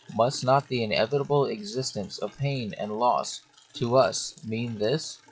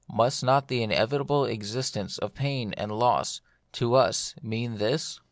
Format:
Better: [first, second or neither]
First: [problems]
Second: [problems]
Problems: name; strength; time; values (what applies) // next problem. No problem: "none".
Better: second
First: noise reduction (classical method WPE with log-MMSE)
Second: none